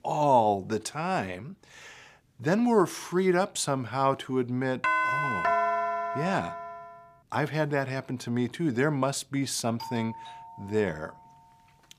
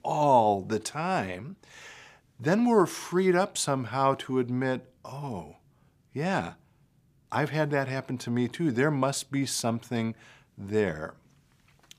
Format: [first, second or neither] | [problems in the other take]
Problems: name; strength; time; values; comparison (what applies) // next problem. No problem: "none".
second | doorbell; loud; from 5 to 7 s; peak 3 dB above the speech // doorbell; faint; from 10 to 11 s; peak 10 dB below the speech